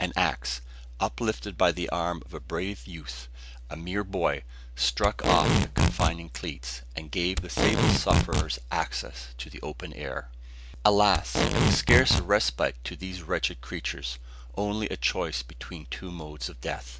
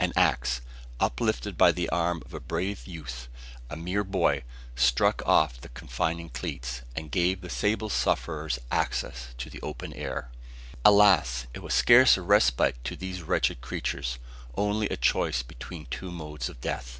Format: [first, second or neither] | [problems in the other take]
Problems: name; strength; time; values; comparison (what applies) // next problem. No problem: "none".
second | background sound (Packing tape, duct tape); 4 dB above the speech